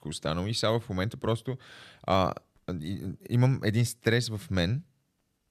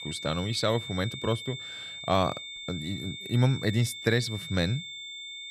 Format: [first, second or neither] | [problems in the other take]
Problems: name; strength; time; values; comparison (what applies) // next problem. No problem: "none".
first | high-pitched whine; loud; throughout; 3.5 kHz, 8 dB below the speech